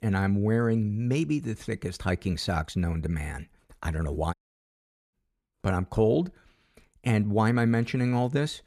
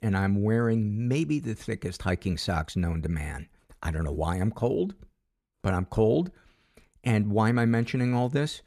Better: second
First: audio cutting out; at 4.5 s for 1 s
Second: none

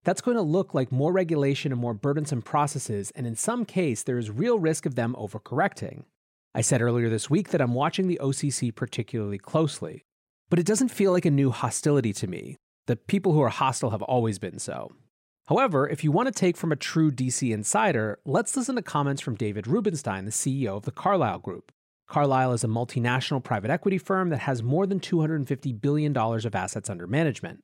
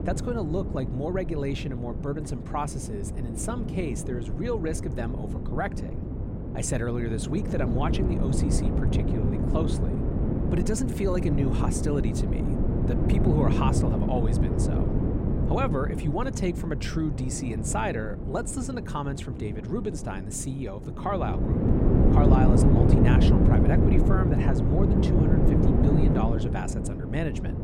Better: first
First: none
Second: wind noise on the microphone; heavy; 1 dB below the speech

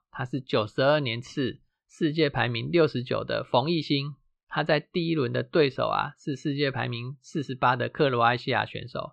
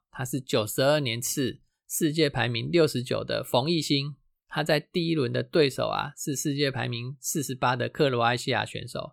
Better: second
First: muffled; slightly; fading above 4 kHz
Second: none

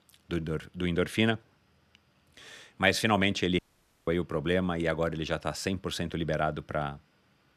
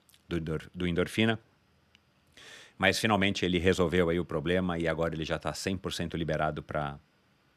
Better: second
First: audio cutting out; at 3.5 s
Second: none

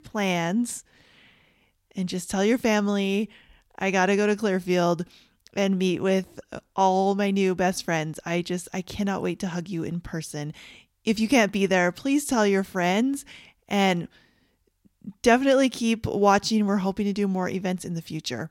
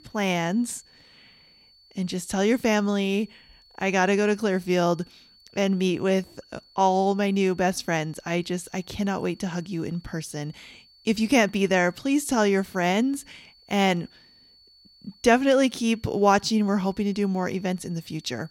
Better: first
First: none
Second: high-pitched whine; faint; throughout; 4.5 kHz, 30 dB below the speech

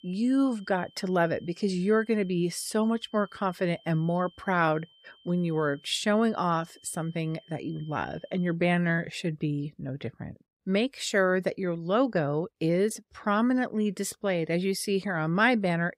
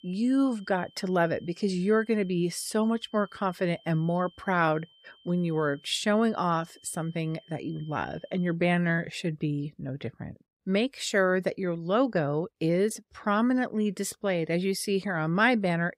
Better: neither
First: high-pitched whine; faint; until 8.5 s; 3 kHz, 30 dB below the speech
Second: high-pitched whine; faint; until 8.5 s; 3 kHz, 30 dB below the speech

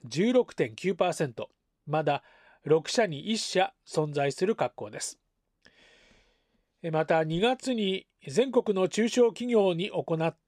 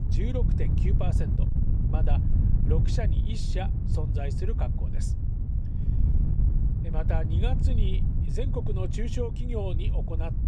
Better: first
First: none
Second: wind noise on the microphone; heavy; 3 dB below the speech

